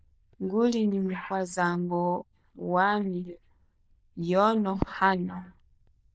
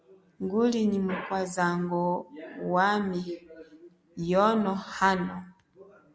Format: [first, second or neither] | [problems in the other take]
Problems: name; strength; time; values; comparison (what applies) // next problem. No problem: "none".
second | noise reduction (neural diffusion model UNIVERSE++)